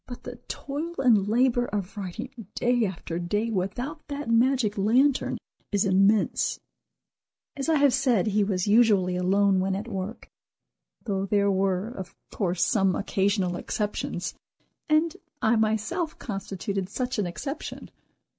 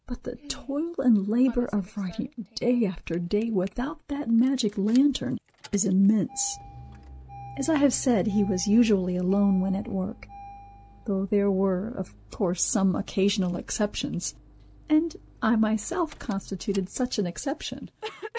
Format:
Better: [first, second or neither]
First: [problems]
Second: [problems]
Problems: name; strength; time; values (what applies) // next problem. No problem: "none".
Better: first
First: none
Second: background sound (Engine starting); 20 dB below the speech